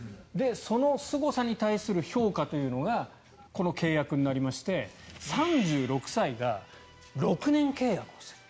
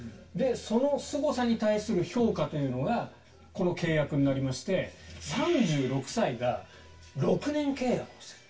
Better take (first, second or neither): first